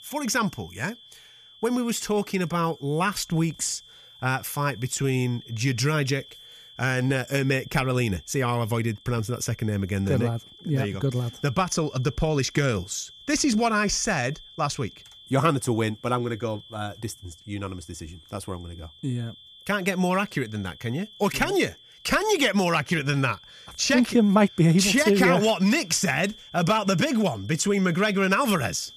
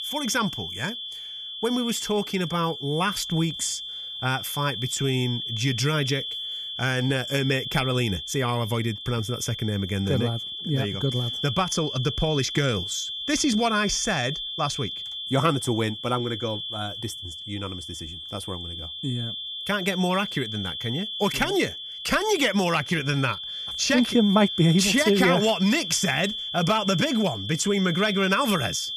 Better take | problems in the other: first | high-pitched whine; loud; throughout; 3.5 kHz, 6 dB below the speech; faint in the first

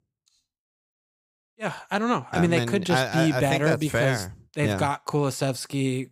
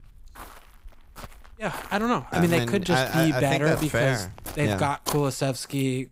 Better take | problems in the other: first | footsteps; noticeable; peak 8 dB below the speech

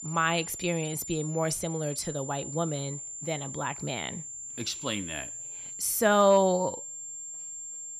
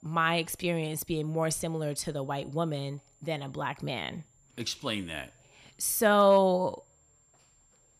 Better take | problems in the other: second | high-pitched whine; loud; throughout; 7.5 kHz, 9 dB below the speech; faint in the second

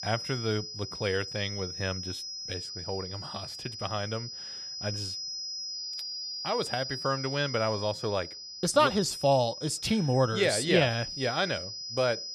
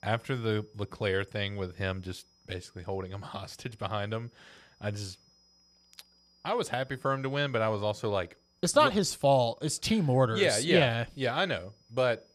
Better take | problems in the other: second | high-pitched whine; loud; throughout; 5 kHz, 7 dB below the speech; faint in the second

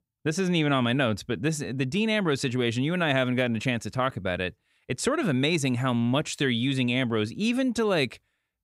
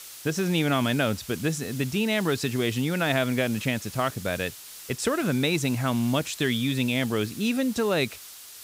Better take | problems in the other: first | hiss; noticeable; throughout; 15 dB below the speech

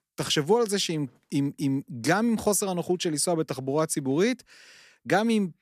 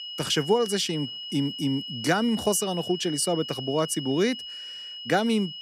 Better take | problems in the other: first | high-pitched whine; loud; throughout; 3 kHz, 8 dB below the speech

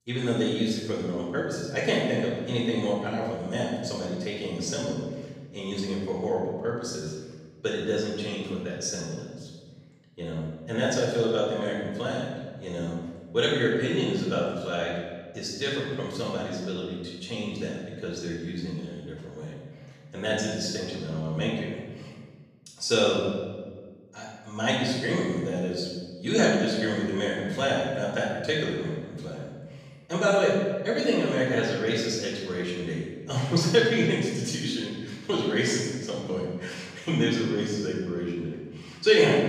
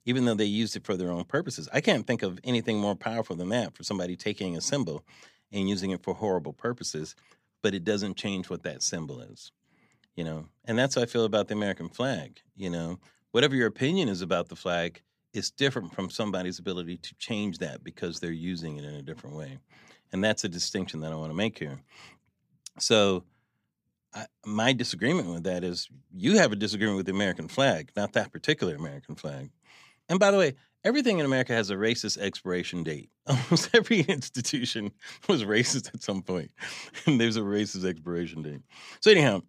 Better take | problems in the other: second | off-mic speech; far // room echo; noticeable; dies away in 1.3 s

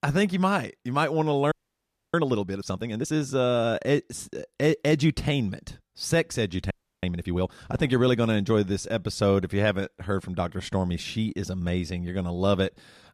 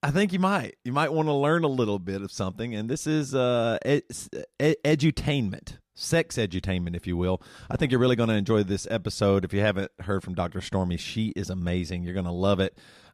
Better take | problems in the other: second | audio freezing; at 1.5 s for 0.5 s and at 6.5 s

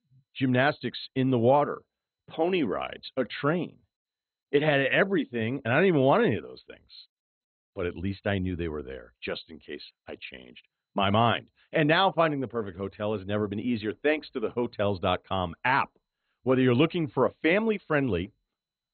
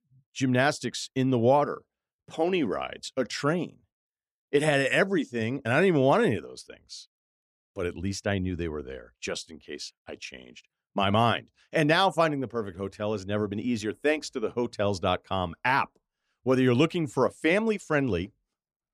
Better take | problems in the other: second | garbled, watery; badly; nothing above 4 kHz

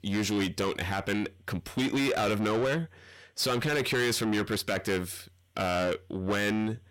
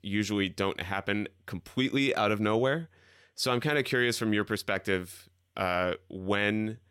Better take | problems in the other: second | distortion; heavy; 7 dB below the speech

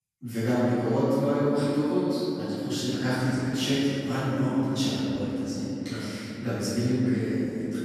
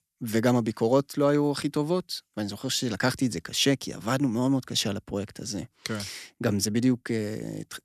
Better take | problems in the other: second | room echo; strong; dies away in 3 s // off-mic speech; far

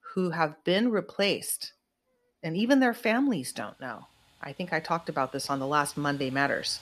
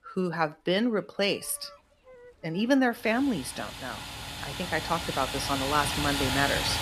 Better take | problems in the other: first | household noises; loud; throughout; 4 dB below the speech; faint in the first

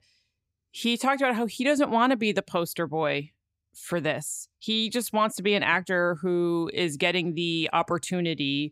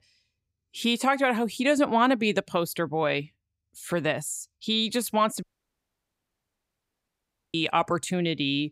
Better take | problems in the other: first | audio cutting out; at 5.5 s for 2 s

